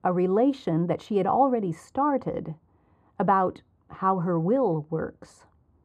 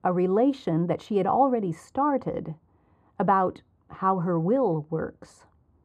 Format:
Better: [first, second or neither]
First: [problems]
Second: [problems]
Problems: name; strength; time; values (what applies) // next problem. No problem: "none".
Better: neither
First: muffled; very; fading above 1.5 kHz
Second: muffled; very; fading above 1.5 kHz